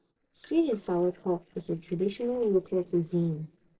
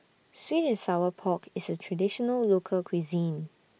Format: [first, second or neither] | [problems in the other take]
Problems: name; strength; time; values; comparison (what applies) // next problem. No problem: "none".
second | noise reduction (neural separator model SepFormer DNS4)